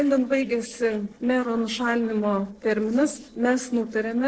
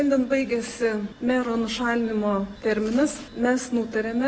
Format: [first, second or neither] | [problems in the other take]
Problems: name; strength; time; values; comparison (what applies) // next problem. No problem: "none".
second | noise reduction (neural separator model SepFormer DNS4)